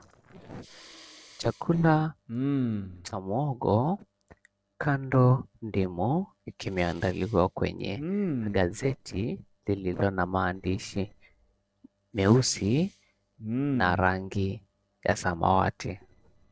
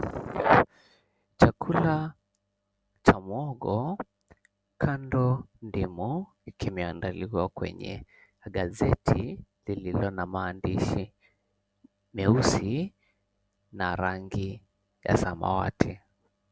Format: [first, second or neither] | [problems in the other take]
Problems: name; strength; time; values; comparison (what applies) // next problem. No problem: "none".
second | noise reduction (neural separator model SepFormer DNS4)